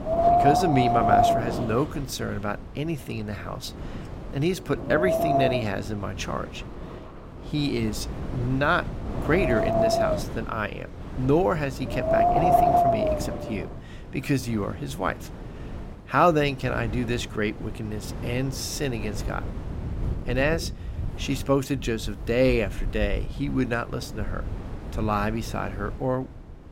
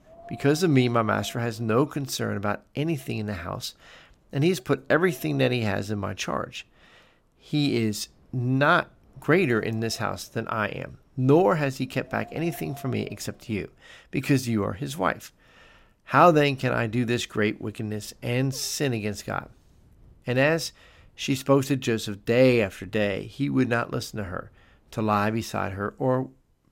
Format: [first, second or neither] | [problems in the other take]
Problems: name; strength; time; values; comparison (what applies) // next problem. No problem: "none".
second | wind in the background; loud; throughout; as loud as the speech; faint in the second